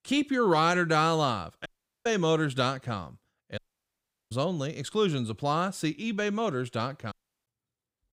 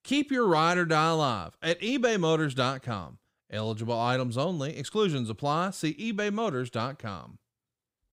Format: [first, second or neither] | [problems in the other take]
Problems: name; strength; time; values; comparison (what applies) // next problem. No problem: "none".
second | audio cutting out; at 1.5 s, at 3.5 s for 0.5 s and at 7 s